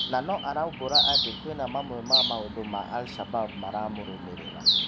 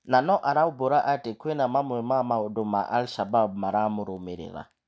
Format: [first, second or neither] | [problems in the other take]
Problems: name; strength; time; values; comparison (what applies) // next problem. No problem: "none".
second | background sound (Bird); 3 dB above the speech